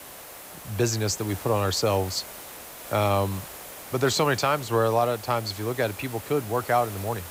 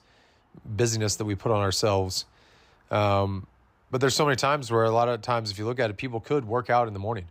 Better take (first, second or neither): second